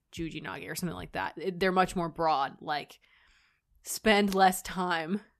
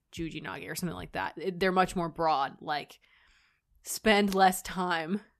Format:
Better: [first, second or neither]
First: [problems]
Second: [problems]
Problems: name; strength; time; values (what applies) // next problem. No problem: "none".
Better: neither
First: none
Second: none